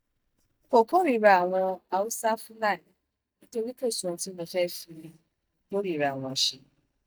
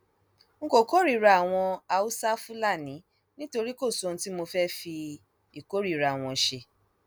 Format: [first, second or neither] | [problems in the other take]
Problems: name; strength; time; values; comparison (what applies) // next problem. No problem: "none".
second | noise reduction (neural mask model DeepFilterNet 3)